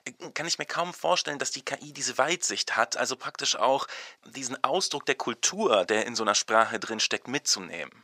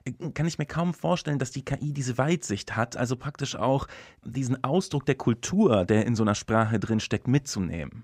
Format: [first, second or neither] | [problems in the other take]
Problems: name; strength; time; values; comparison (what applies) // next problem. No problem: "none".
second | thin; very; fading below 600 Hz